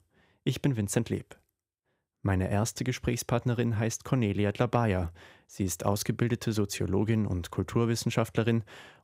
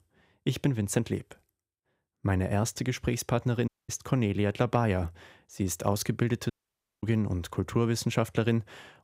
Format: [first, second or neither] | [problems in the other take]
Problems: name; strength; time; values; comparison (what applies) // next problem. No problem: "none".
first | audio cutting out; at 3.5 s and at 6.5 s for 0.5 s